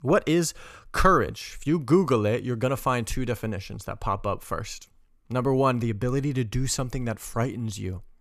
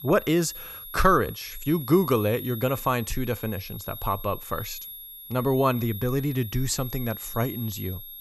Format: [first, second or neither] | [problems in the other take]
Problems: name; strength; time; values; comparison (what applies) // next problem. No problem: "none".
first | high-pitched whine; noticeable; throughout; 11.5 kHz, 10 dB below the speech